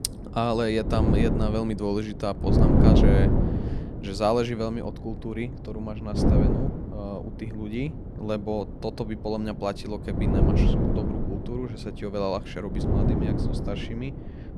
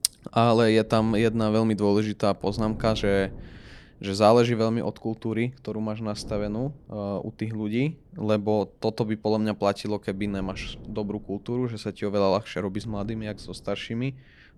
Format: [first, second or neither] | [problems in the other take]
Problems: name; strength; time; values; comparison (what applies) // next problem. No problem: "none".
second | wind noise on the microphone; heavy; as loud as the speech; occasional gusts in the second